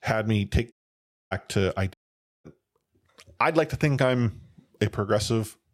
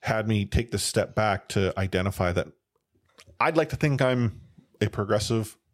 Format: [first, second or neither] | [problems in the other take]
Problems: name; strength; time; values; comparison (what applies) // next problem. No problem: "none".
second | audio cutting out; at 0.5 s for 0.5 s and at 2 s for 0.5 s